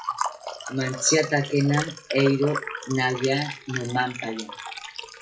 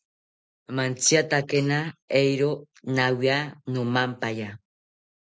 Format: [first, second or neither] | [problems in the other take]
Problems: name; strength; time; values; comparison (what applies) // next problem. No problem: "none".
second | noise reduction (classical method WPE with log-MMSE)